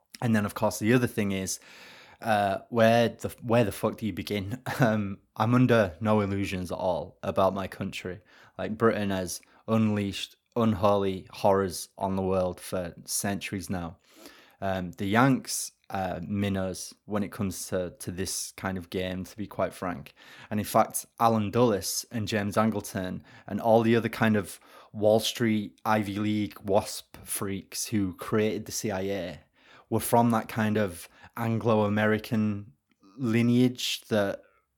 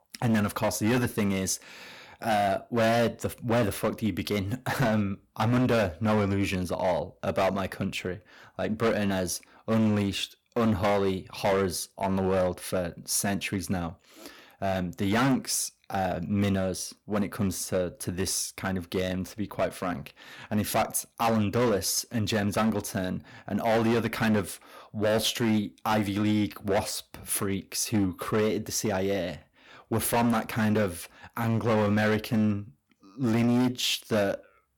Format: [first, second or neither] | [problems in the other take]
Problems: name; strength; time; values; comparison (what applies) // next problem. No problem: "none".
first | distortion; heavy; 9% of the sound clipped